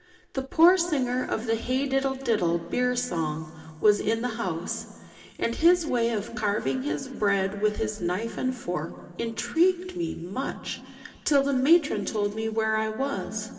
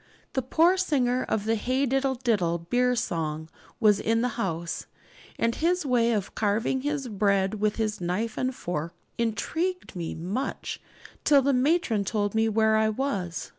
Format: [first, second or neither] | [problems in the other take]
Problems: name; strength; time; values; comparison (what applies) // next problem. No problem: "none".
second | room echo; dies away in 2.2 s